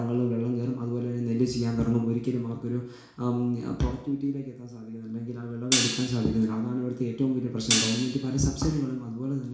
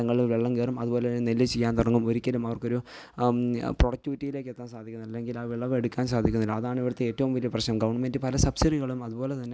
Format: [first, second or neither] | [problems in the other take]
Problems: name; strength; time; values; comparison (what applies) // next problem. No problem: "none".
second | background sound (Hi-hat); 4 dB below the speech // room echo; dies away in 0.7 s